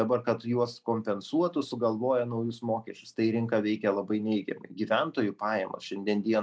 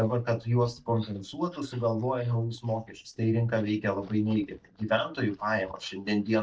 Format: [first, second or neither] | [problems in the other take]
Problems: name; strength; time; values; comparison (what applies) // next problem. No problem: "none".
first | noise reduction (neural mask model DeepFilterNet 3)